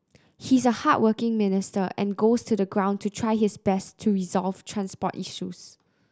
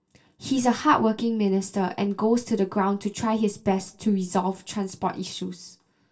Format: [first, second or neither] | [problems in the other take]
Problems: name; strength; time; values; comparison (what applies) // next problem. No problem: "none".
first | room echo; dies away in 0.2 s